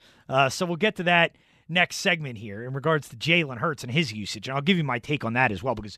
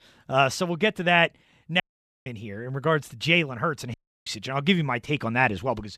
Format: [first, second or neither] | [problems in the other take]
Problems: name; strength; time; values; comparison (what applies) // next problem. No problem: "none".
first | audio cutting out; at 2 s and at 4 s